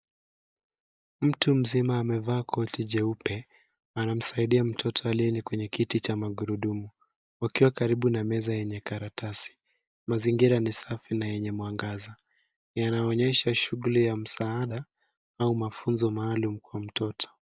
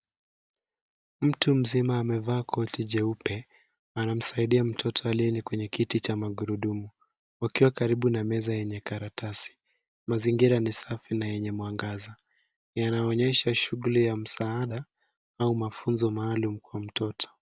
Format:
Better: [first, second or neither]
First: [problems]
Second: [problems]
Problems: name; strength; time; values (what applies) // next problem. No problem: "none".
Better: second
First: noise reduction (neural mask model Resemble Enhance denoiser)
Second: none